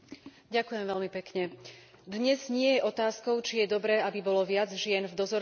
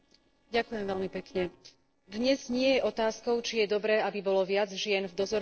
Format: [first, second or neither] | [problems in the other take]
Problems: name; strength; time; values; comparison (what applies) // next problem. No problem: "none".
first | noise reduction (neural separator model SepFormer DNS4)